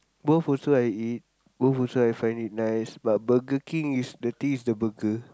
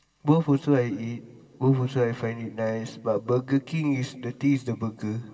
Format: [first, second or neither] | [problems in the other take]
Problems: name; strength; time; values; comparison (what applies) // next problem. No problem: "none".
first | room echo; dies away in 2.2 s